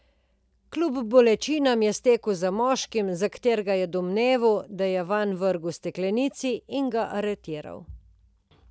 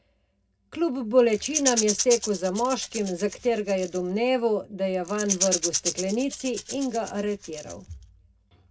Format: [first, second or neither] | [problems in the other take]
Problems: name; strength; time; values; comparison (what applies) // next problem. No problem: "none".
first | background sound (Rattle / Rattle (instrument)); 6 dB below the speech // room echo; dies away in 0.2 s